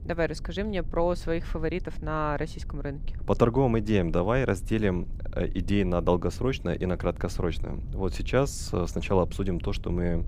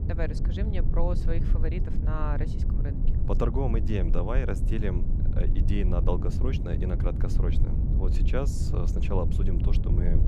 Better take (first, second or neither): first